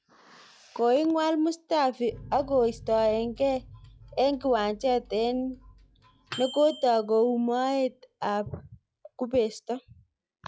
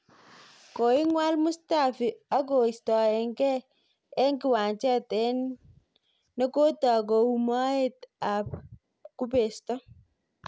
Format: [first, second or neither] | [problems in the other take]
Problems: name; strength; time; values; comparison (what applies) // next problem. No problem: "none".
second | noise reduction (classical method log-MMSE)